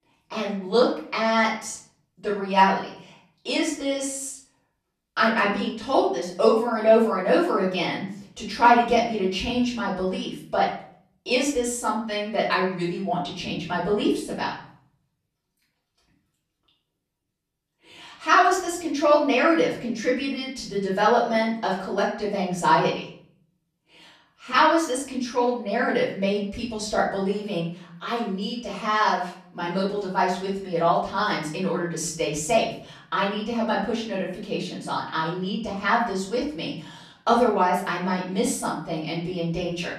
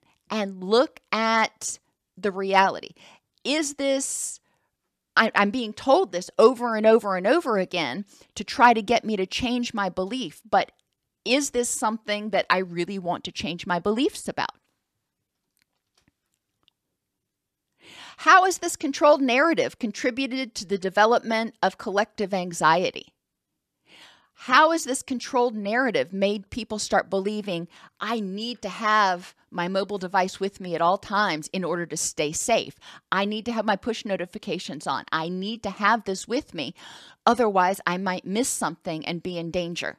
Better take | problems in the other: second | room echo; noticeable; dies away in 0.6 s // off-mic speech; far

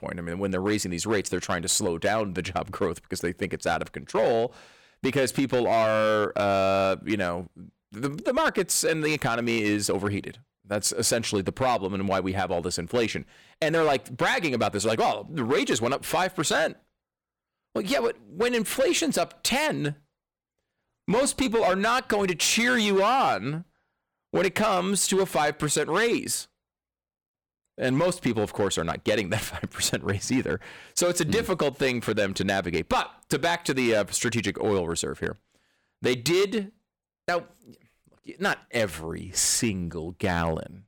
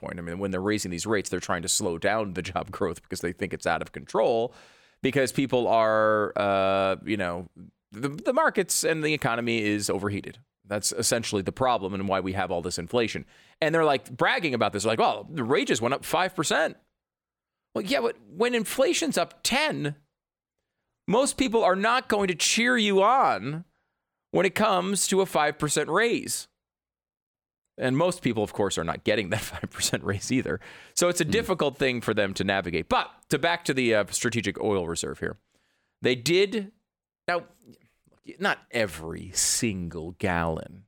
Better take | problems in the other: second | distortion; slight; 6% of the sound clipped

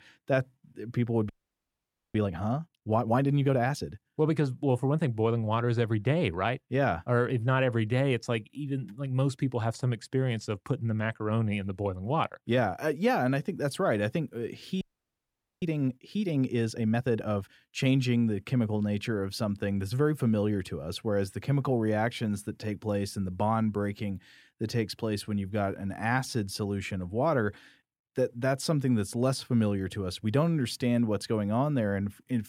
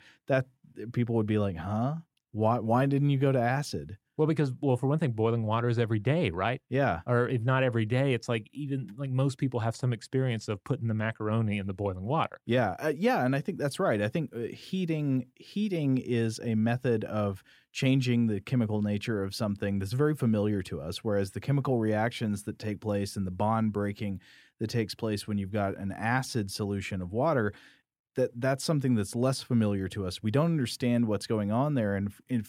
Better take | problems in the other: second | audio freezing; at 1.5 s for 1 s and at 15 s for 1 s

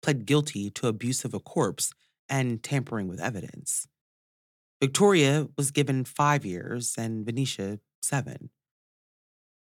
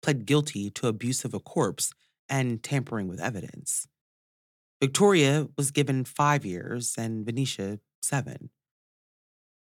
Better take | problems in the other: neither | none

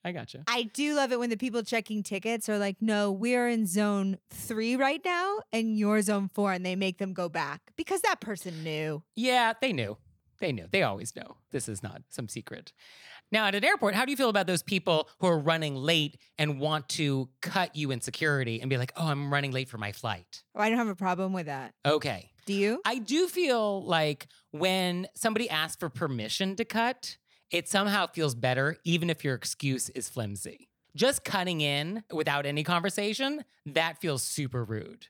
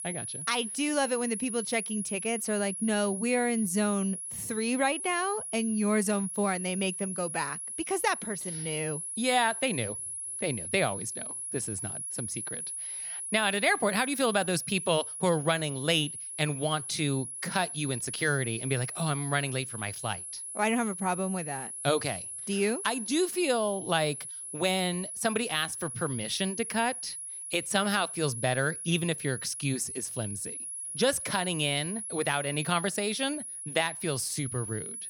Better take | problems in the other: first | high-pitched whine; loud; throughout; 10.5 kHz, 5 dB below the speech

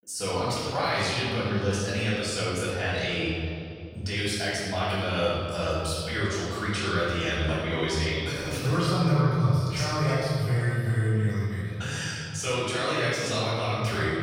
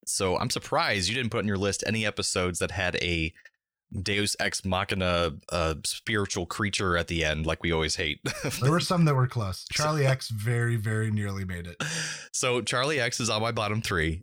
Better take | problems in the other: second | off-mic speech; far // room echo; strong; dies away in 2.4 s

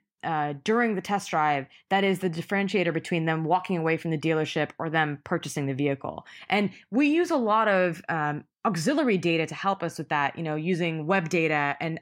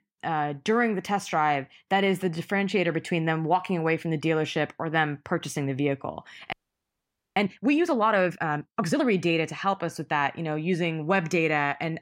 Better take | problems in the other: first | audio freezing; at 6.5 s for 1 s

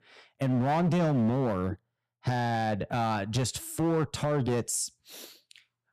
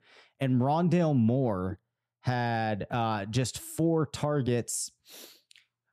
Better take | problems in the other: second | distortion; slight; 10% of the sound clipped

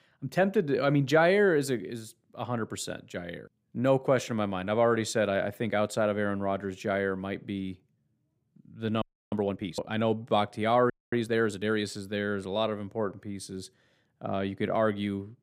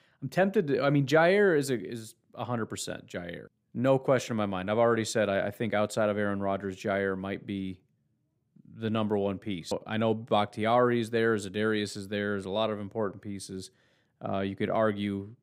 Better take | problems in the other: second | audio freezing; at 9 s and at 11 s

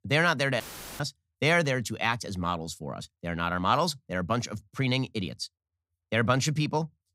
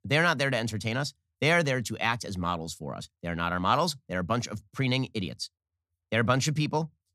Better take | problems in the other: second | audio cutting out; filled with static; at 0.5 s

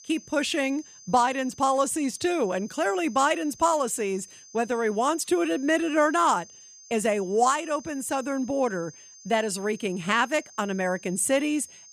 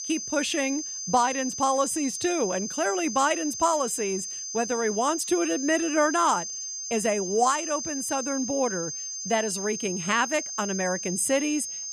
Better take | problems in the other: first | high-pitched whine; loud; throughout; 6.5 kHz, 5 dB below the speech; faint in the first

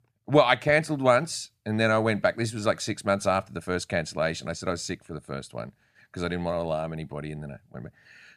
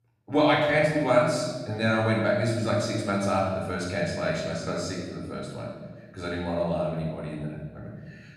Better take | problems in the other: first | off-mic speech; far // room echo; noticeable; dies away in 1.4 s

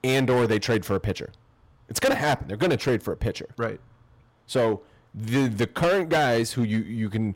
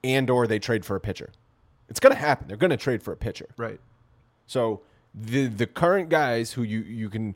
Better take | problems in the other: second | distortion; heavy; 9% of the sound clipped

